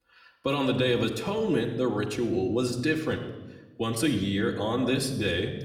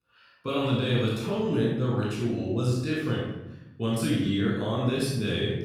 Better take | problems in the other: first | room echo; strong; dies away in 0.9 s; slight in the first // off-mic speech; far; far in the first

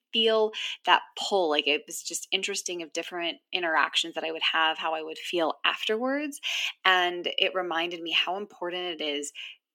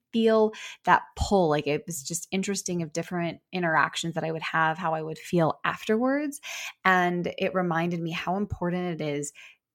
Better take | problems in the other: second | thin; somewhat; fading below 250 Hz

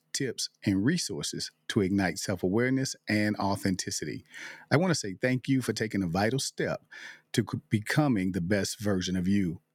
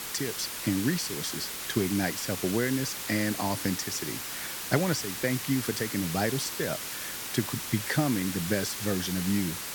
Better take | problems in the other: first | hiss; loud; throughout; 3 dB below the speech

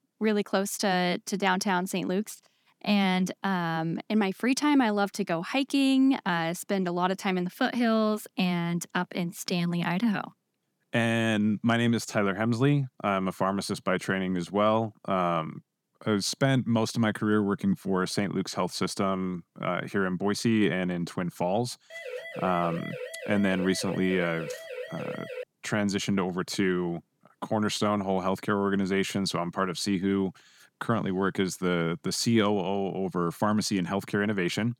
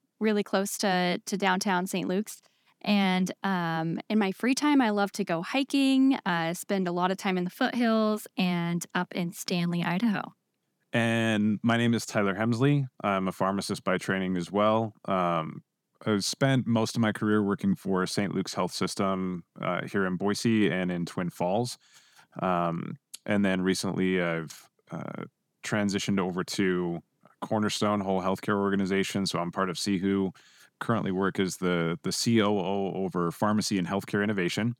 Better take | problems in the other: second | siren; noticeable; from 22 to 25 s; peak 10 dB below the speech

